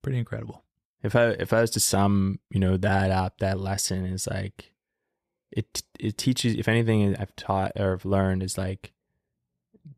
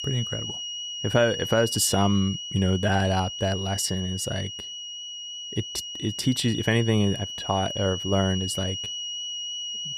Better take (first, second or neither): first